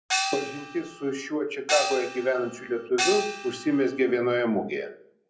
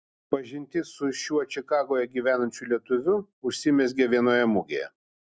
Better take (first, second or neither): second